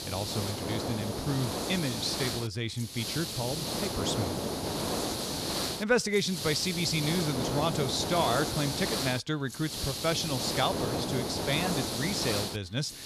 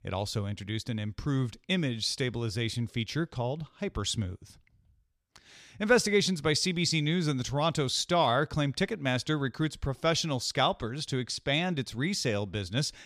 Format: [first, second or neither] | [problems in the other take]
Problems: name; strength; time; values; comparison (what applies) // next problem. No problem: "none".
second | hiss; loud; throughout; 1 dB below the speech